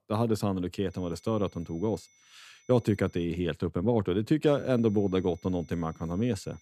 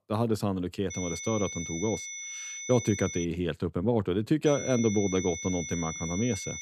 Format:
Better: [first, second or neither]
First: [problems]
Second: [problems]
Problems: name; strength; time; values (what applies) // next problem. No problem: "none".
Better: first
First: high-pitched whine; faint; from 1 to 3.5 s and from 4.5 s on; 6 kHz, 30 dB below the speech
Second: high-pitched whine; loud; from 1 to 3.5 s and from 4.5 s on; 6 kHz, 7 dB below the speech